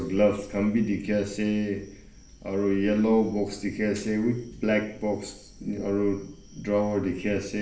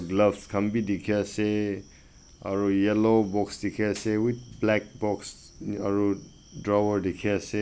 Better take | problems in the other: second | room echo; dies away in 0.7 s

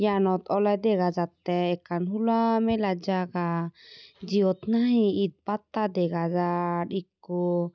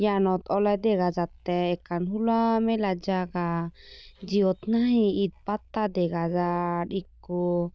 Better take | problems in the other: first | noise reduction (neural diffusion model UNIVERSE++)

